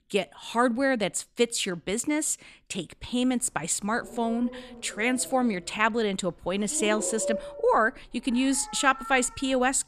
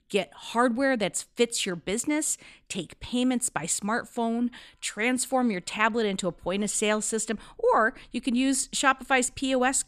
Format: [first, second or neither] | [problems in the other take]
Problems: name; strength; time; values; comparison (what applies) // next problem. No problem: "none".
second | animal sounds; noticeable; from 3 s on; 15 dB below the speech